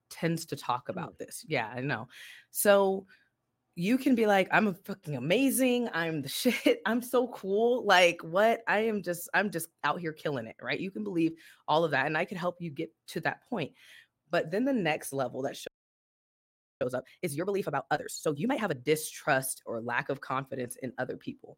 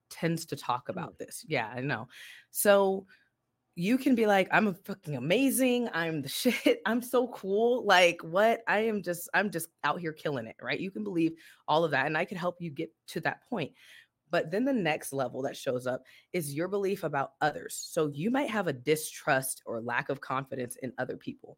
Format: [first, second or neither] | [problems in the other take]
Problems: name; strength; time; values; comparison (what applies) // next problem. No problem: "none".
second | audio freezing; at 16 s for 1 s